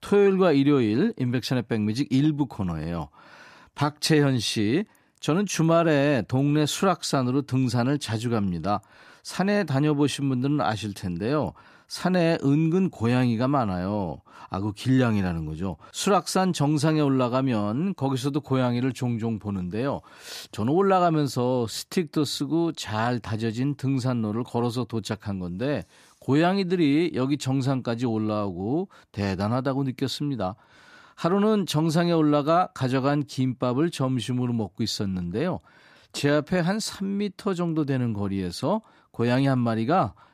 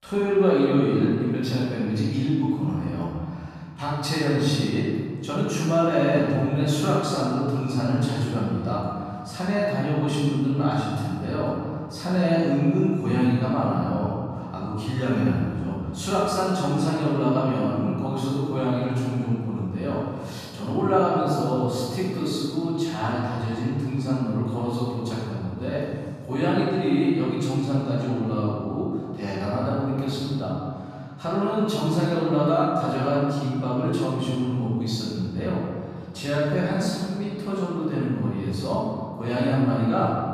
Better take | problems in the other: first | room echo; strong; dies away in 1.9 s // off-mic speech; far

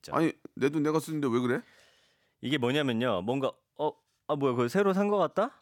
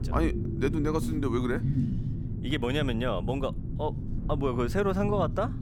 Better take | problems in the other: first | low rumble; noticeable; throughout; 10 dB below the speech

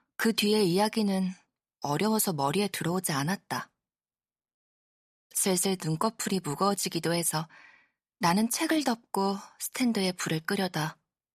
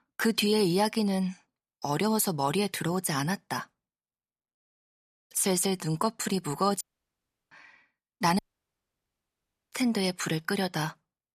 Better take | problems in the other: first | audio cutting out; at 7 s for 0.5 s and at 8.5 s for 1.5 s

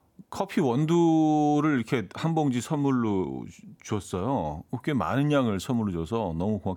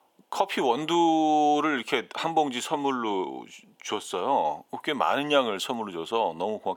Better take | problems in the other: first | thin; somewhat; fading below 500 Hz

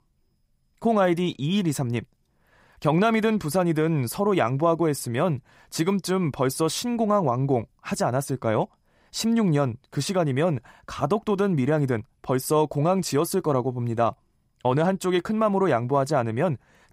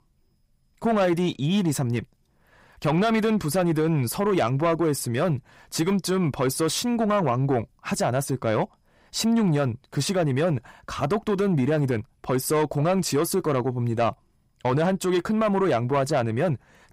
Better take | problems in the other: first | distortion; slight; 10 dB below the speech

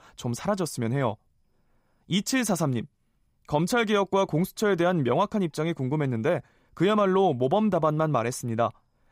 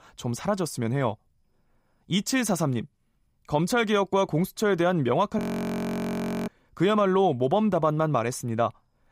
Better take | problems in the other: first | audio freezing; at 5.5 s for 1 s

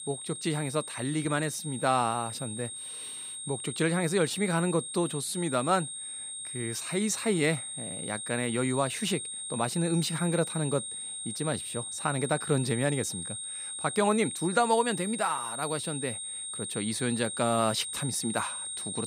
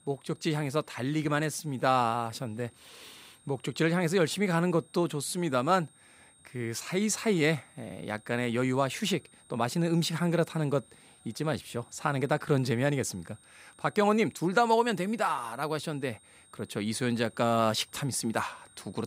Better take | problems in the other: second | high-pitched whine; loud; throughout; 8.5 kHz, 5 dB below the speech; faint in the second

